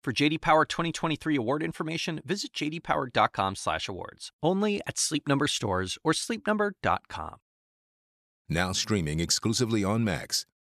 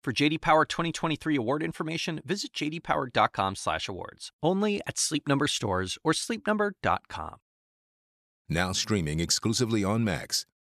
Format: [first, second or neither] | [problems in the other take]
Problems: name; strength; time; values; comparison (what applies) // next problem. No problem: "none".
neither | none